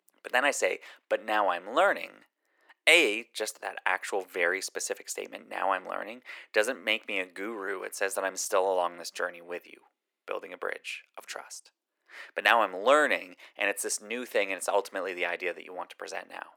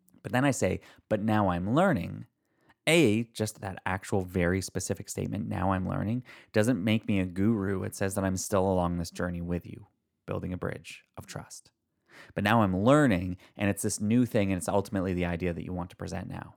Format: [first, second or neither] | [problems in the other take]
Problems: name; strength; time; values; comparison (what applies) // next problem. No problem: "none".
second | thin; very; fading below 400 Hz